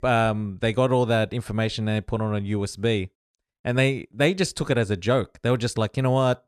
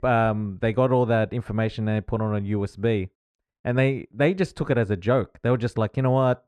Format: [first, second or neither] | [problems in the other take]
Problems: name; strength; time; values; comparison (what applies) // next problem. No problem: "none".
first | muffled; slightly; fading above 3 kHz